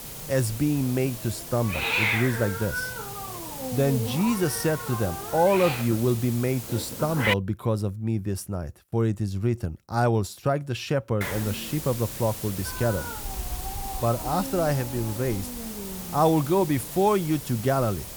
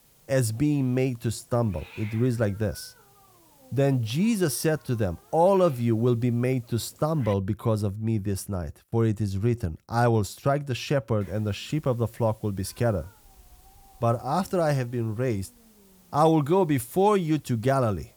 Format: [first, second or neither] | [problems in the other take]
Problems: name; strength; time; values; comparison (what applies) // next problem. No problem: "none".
second | hiss; loud; until 7.5 s and from 11 s on; 5 dB below the speech; faint in the second